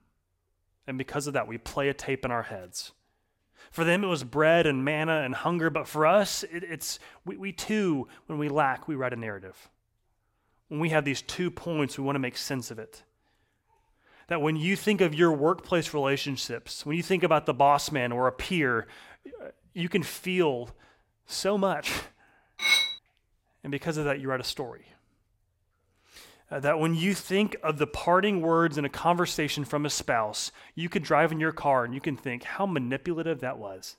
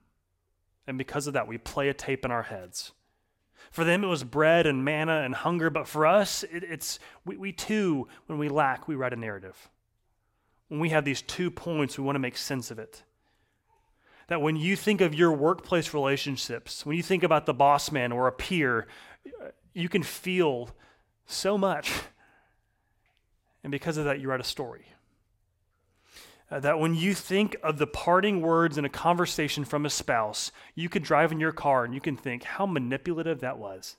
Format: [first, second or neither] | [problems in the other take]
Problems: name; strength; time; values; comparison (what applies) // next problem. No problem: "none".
second | clattering dishes; loud; at 23 s; peak 6 dB above the speech